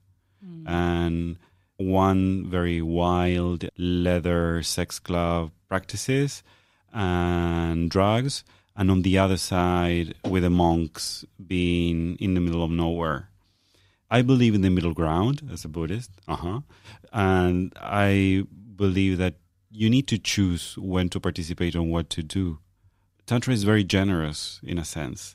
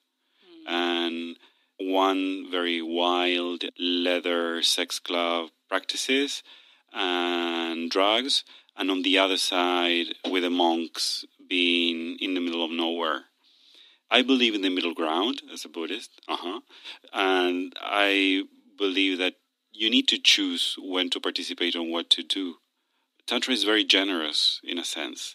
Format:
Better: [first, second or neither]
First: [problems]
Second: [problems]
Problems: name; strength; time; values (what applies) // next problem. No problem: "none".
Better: first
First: none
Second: thin; very slightly; fading below 250 Hz